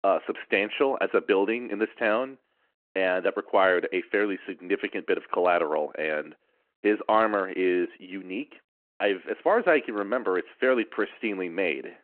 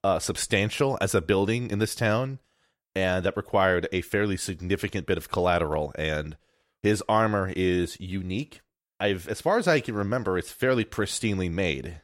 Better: second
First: phone-call audio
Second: none

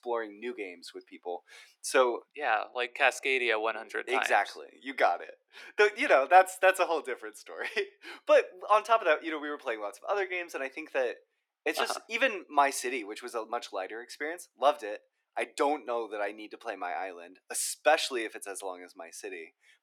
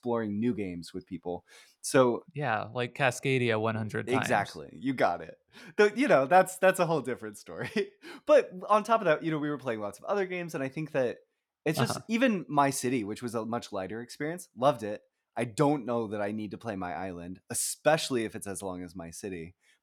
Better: second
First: thin; very; fading below 350 Hz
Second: none

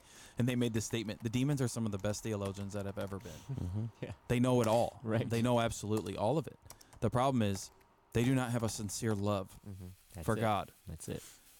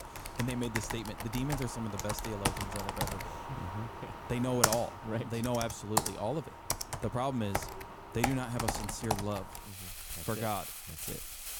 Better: first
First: household noises; faint; throughout; 25 dB below the speech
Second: household noises; loud; throughout; 1 dB below the speech

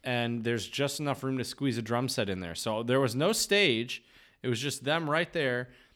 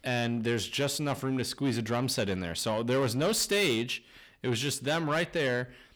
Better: first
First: none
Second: distortion; slight; 10 dB below the speech

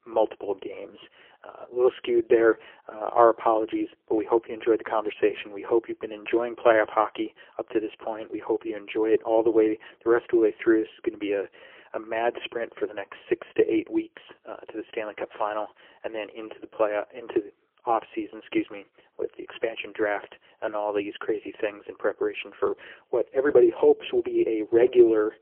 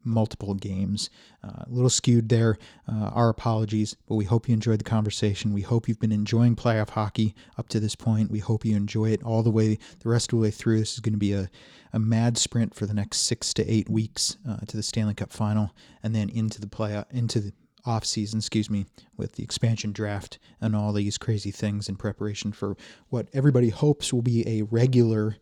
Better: second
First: phone-call audio; poor line; nothing above 3 kHz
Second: none

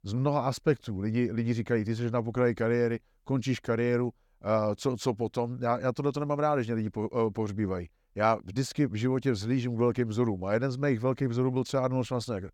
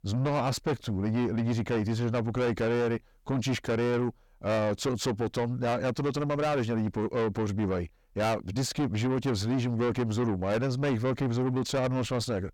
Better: first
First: none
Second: distortion; heavy; 7 dB below the speech

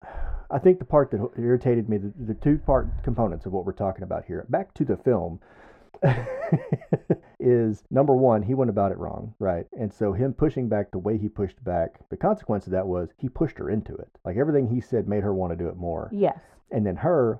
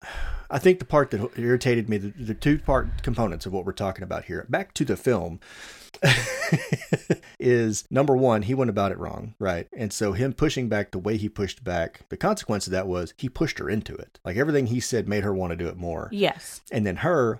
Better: second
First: muffled; very; fading above 2 kHz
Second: none

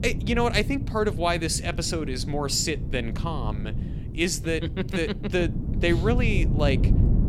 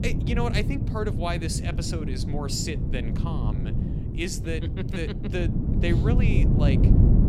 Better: first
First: wind noise on the microphone; occasional gusts; 15 dB below the speech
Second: wind noise on the microphone; heavy; 3 dB below the speech

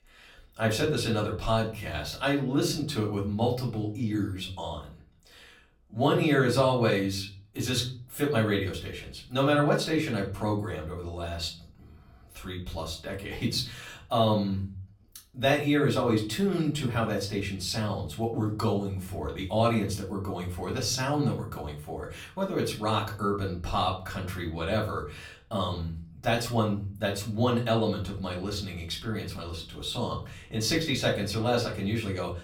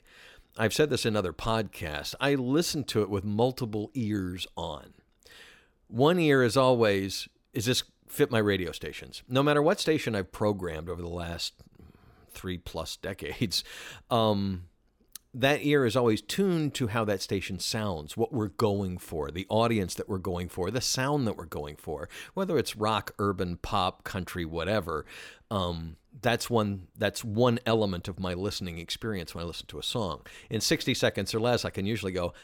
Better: second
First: off-mic speech; far // room echo; very slight; dies away in 0.4 s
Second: none

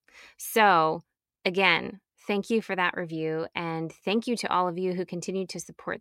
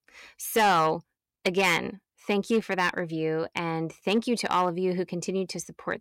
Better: first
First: none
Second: distortion; slight; 3% of the sound clipped

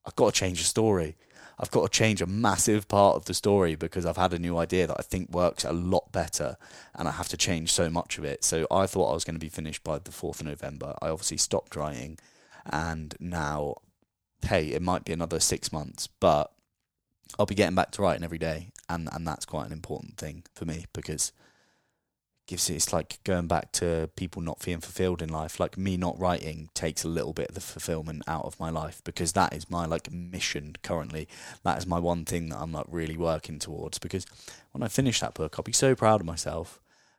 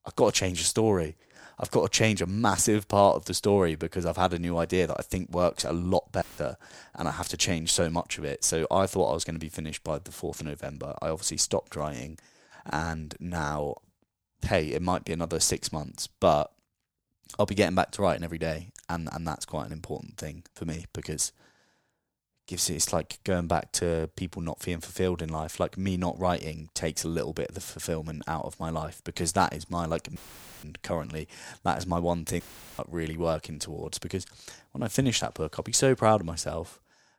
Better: first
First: none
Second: audio cutting out; filled with static; at 6 s, at 30 s and at 32 s

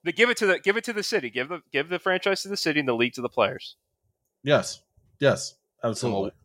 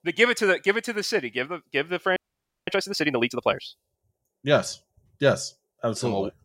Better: first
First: none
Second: audio freezing; at 2 s for 0.5 s

